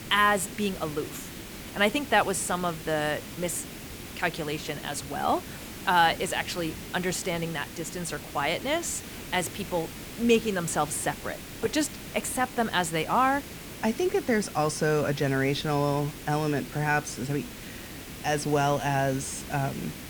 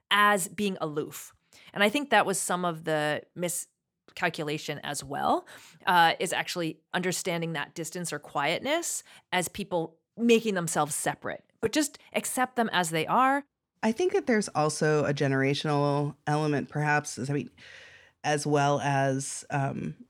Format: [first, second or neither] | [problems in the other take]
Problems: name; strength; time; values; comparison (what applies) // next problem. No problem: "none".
second | hiss; noticeable; throughout; 10 dB below the speech